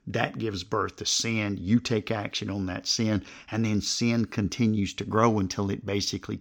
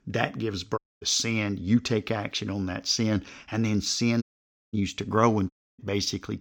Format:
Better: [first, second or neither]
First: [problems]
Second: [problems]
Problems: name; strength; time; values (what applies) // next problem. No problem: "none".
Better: first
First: none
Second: audio cutting out; at 1 s, at 4 s for 0.5 s and at 5.5 s